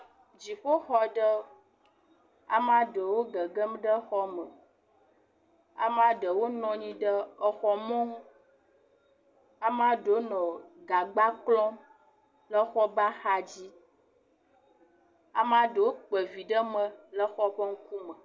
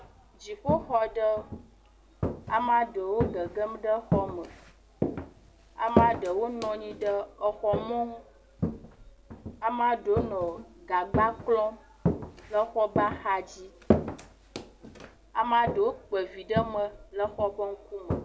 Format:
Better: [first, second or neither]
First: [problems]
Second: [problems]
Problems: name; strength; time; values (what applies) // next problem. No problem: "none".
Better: first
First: none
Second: background sound (Walk, footsteps); 4 dB below the speech